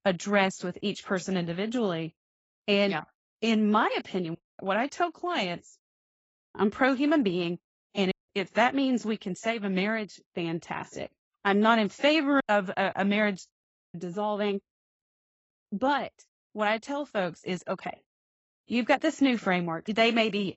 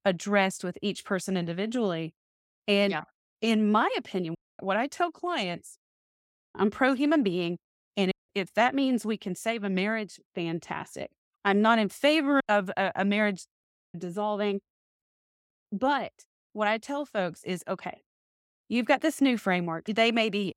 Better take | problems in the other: second | garbled, watery; badly; nothing above 8 kHz

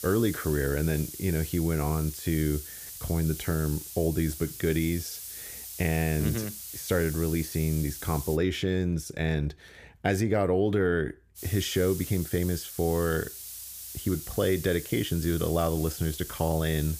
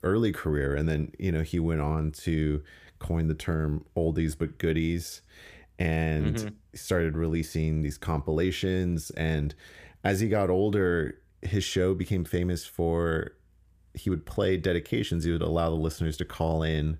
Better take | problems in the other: second | hiss; loud; until 8.5 s and from 11 s on; 10 dB below the speech

